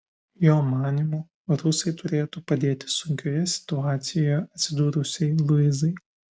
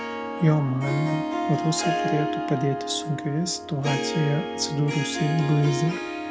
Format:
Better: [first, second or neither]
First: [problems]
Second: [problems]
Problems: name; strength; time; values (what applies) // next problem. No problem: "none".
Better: first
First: none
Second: background sound (Harp); 3 dB below the speech